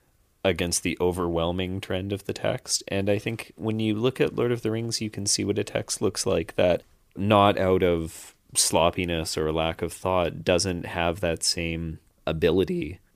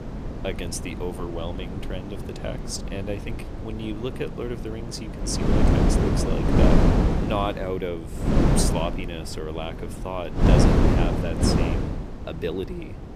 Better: first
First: none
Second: wind noise on the microphone; heavy; 3 dB above the speech

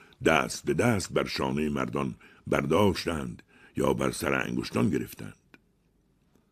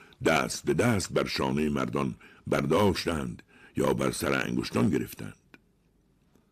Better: first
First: none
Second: distortion; slight; 1.9% of the sound clipped

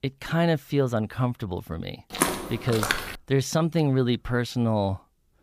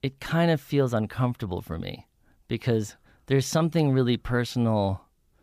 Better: second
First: footsteps; loud; at 2 s; peak level with the speech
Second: none

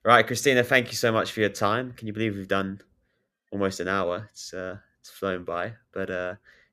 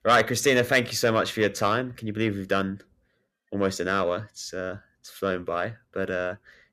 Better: first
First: none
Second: distortion; slight; 10 dB below the speech

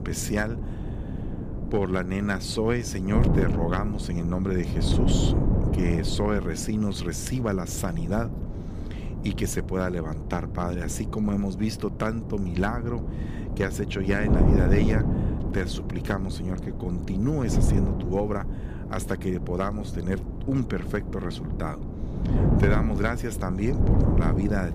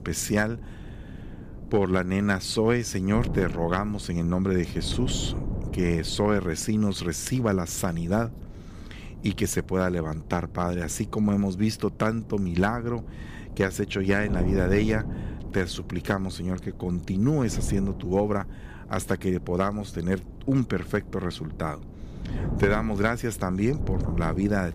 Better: second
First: wind noise on the microphone; heavy; 5 dB below the speech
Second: wind noise on the microphone; occasional gusts; 15 dB below the speech

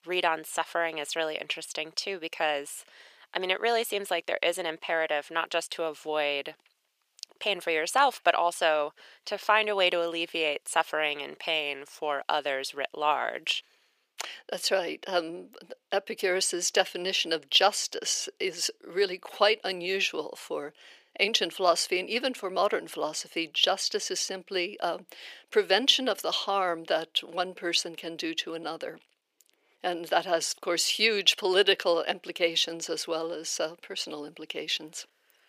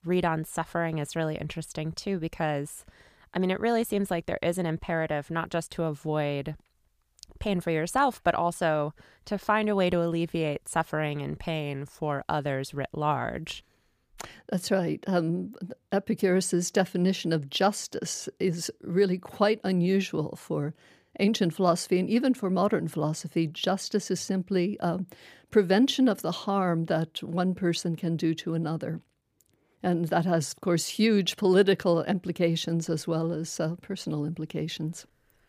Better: second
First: thin; very; fading below 450 Hz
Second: none

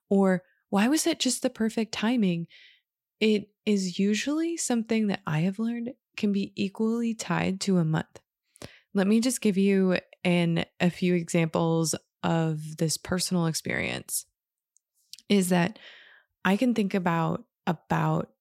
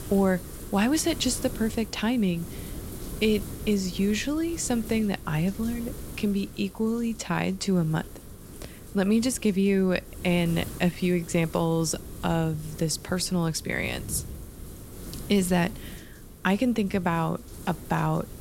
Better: first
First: none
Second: wind noise on the microphone; occasional gusts; 15 dB below the speech

